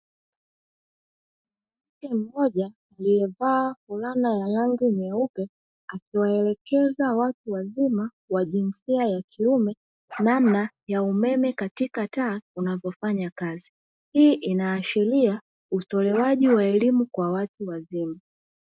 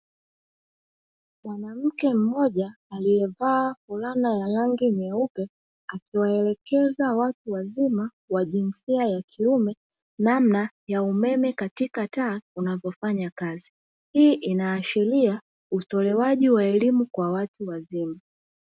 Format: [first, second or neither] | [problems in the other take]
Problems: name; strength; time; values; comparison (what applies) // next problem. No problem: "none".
second | noise reduction (neural mask model DeepFilterNet 3)